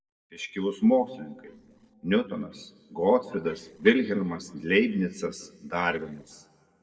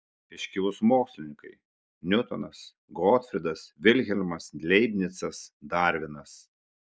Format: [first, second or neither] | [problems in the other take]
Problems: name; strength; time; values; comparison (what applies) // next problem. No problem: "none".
second | noise reduction (neural separator model SepFormer DNS4)